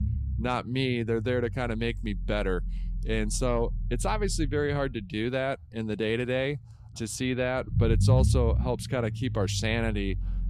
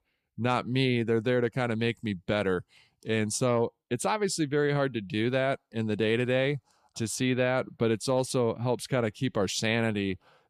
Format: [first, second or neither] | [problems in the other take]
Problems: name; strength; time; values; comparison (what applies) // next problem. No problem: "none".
second | low rumble; noticeable; throughout; 15 dB below the speech